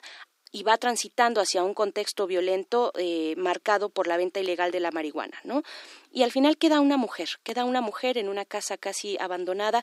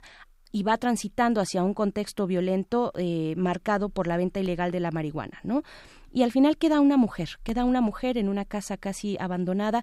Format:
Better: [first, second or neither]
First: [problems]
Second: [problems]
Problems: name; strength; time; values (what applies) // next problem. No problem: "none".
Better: second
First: thin; somewhat; fading below 300 Hz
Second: none